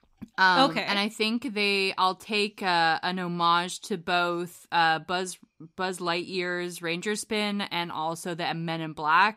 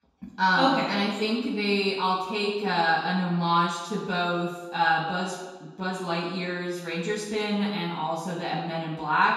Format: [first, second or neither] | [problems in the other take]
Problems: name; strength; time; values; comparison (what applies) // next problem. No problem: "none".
first | room echo; noticeable; dies away in 1.1 s // off-mic speech; far